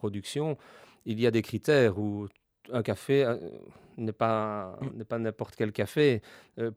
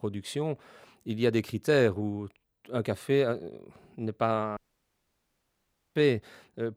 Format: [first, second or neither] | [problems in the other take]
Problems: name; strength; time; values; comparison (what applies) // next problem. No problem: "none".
first | audio cutting out; at 4.5 s for 1.5 s